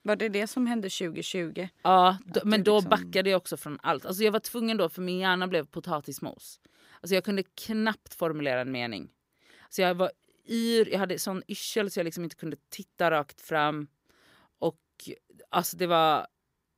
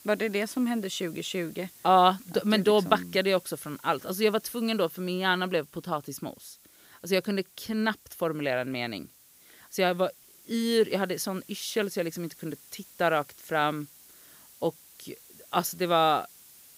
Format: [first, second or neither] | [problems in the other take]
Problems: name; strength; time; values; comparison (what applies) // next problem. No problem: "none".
first | hiss; faint; throughout; 25 dB below the speech